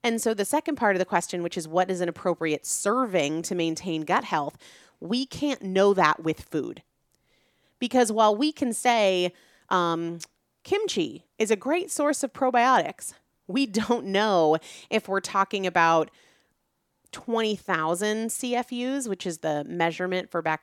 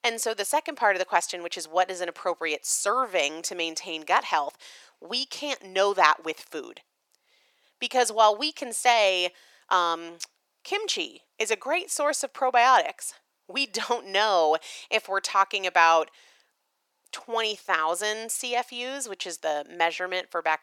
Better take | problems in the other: first | thin; very; fading below 700 Hz

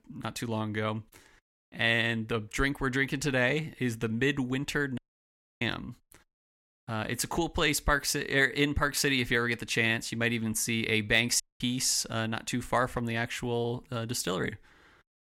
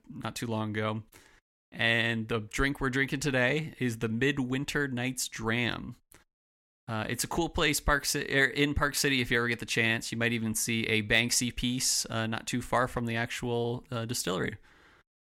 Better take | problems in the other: second | audio cutting out; at 5 s for 0.5 s and at 11 s

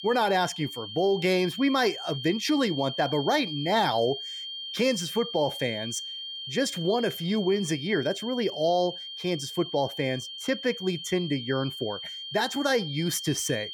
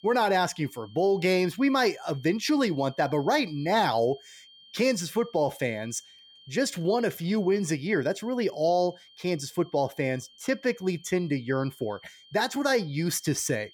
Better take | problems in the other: second | high-pitched whine; loud; throughout; 3 kHz, 8 dB below the speech; faint in the second

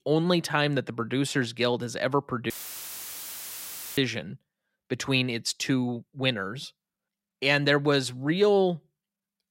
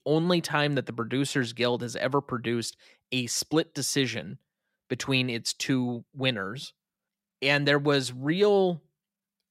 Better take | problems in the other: second | audio cutting out; filled with static; at 2.5 s for 1.5 s

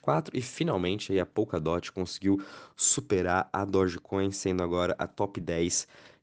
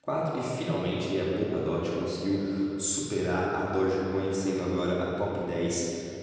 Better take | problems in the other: first | room echo; strong; dies away in 2.7 s // off-mic speech; far

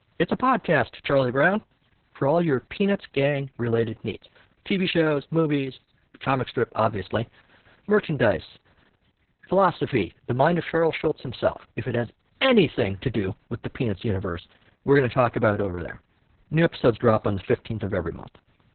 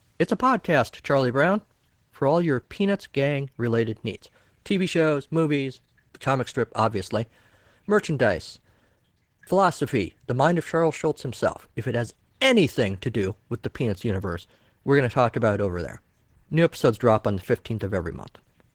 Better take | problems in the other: second | garbled, watery; badly; nothing above 4 kHz; slightly in the second

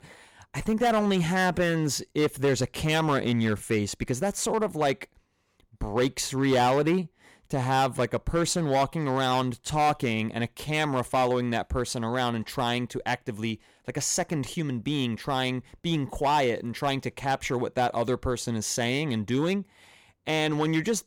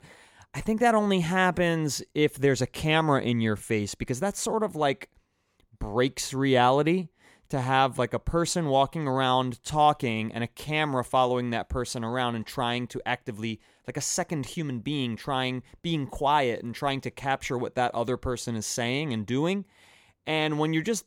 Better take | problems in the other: second | distortion; slight; 5% of the sound clipped

